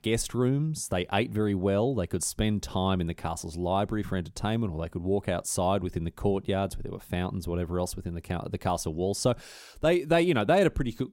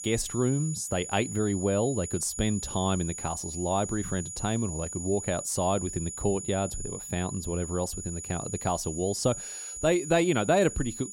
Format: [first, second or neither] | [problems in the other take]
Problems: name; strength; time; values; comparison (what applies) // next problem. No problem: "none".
first | high-pitched whine; loud; throughout; 7 kHz, 7 dB below the speech